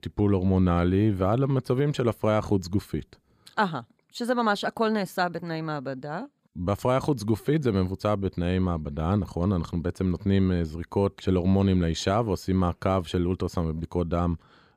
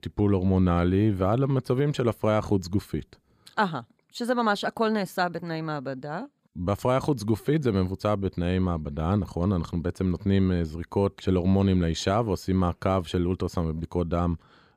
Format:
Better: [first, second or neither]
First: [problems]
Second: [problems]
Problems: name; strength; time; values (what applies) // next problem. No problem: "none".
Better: neither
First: none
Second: none